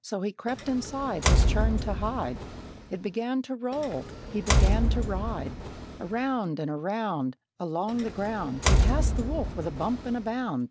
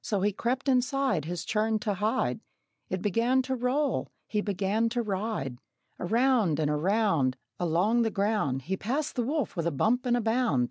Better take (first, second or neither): second